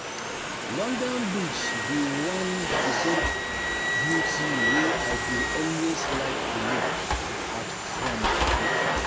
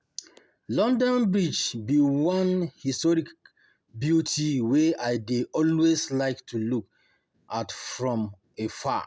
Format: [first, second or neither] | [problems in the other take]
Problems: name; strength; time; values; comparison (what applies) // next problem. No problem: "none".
second | background sound (Wind instrument, woodwind instrument + Domestic sounds, home sounds); 5 dB above the speech